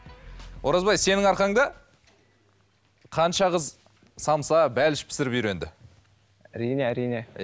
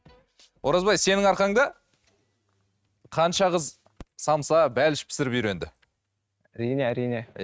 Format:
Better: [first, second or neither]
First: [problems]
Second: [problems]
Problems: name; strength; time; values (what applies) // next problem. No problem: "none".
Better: first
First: none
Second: noise reduction (neural mask model RNNoise)